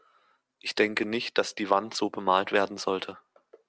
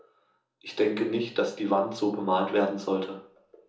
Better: first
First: none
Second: room echo; dies away in 1 s

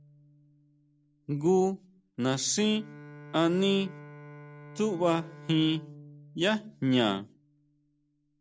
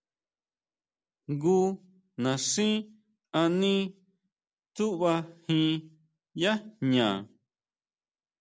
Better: second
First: background sound (Bowed string instrument); 20 dB below the speech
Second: none

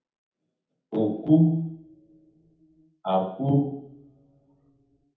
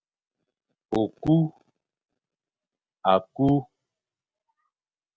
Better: second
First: room echo; dies away in 0.8 s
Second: none

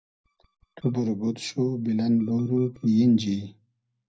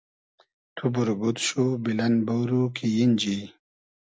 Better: second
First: noise reduction (neural mask model DeepFilterNet 3)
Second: none

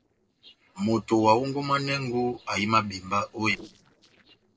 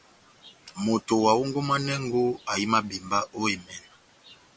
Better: second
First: noise reduction (neural separator model SepFormer DNS4)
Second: none

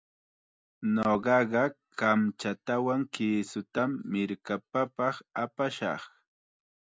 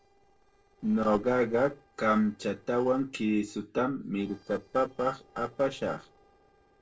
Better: first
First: none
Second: noise reduction (neural separator model SepFormer DNS4)

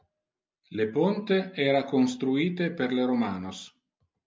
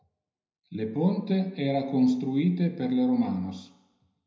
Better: first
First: none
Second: room echo; dies away in 0.7 s

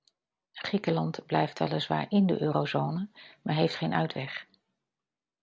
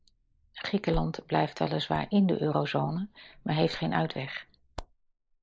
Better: first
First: none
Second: noise reduction (neural mask model Resemble Enhance denoiser)

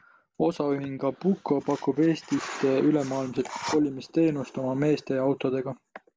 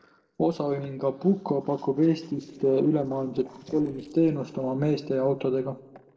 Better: first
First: none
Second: noise reduction (neural separator model SepFormer DNS4)

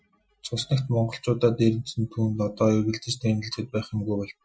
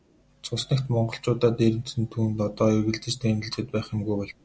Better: second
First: noise reduction (classical method Wiener filter)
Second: none

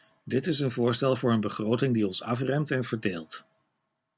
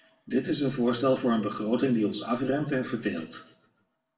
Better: first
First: none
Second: room echo; dies away in 0.6 s

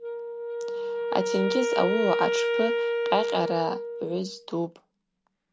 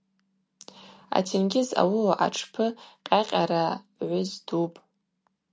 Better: second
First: background sound (Wind instrument, woodwind instrument); 1 dB above the speech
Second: none

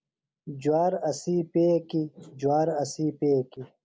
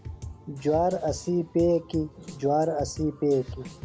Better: first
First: none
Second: background sound (Drum kit); 14 dB below the speech

